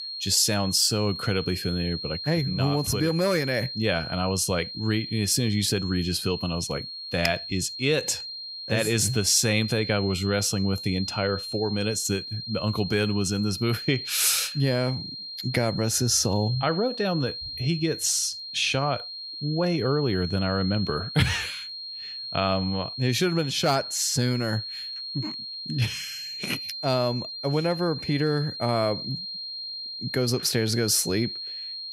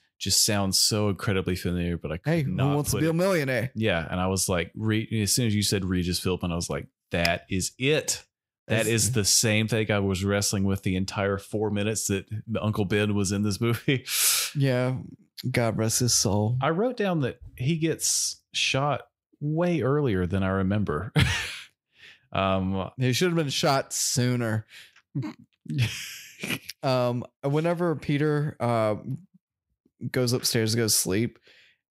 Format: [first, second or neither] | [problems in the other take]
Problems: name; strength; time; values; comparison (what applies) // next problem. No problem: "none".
second | high-pitched whine; loud; throughout; 4 kHz, 8 dB below the speech